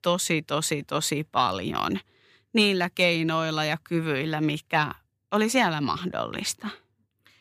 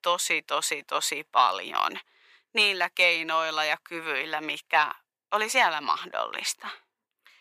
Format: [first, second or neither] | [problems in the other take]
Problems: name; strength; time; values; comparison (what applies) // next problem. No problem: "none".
first | thin; very; fading below 700 Hz